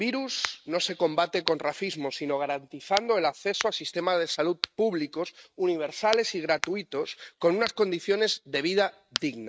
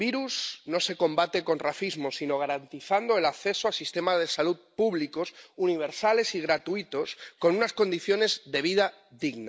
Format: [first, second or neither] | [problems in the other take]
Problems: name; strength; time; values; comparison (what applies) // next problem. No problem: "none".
second | noise reduction (neural mask model RNNoise)